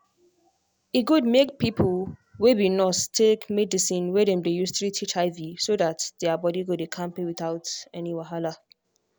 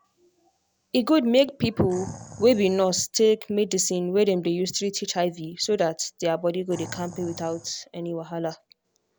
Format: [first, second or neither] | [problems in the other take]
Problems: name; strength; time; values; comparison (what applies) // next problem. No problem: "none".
first | background sound (Animal); 18 dB below the speech